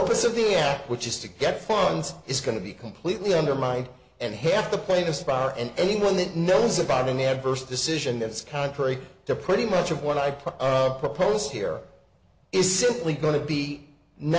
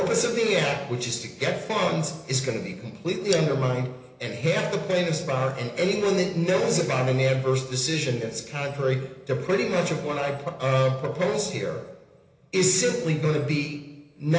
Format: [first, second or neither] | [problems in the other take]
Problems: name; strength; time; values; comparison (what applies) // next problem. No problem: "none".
first | background sound (Cutlery, silverware); 12 dB below the speech // room echo; dies away in 1 s